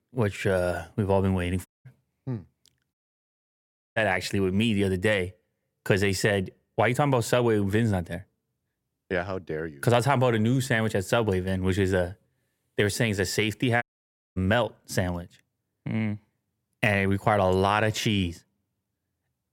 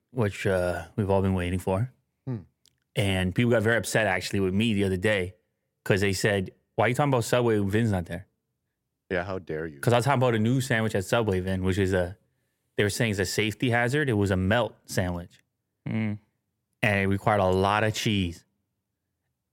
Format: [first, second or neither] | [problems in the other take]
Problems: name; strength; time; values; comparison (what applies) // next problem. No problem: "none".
second | audio cutting out; at 1.5 s, at 3 s for 1 s and at 14 s for 0.5 s